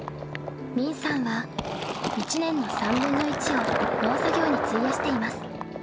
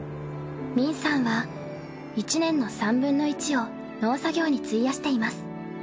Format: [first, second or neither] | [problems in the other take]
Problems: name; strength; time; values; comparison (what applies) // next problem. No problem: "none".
second | background sound (Fill (with liquid)); 1 dB below the speech